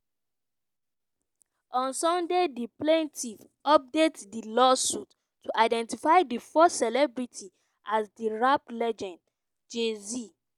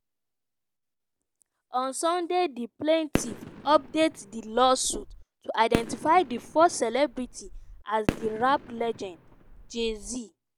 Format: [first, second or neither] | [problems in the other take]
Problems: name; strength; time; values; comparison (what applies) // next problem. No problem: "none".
first | background sound (Fireworks); 9 dB below the speech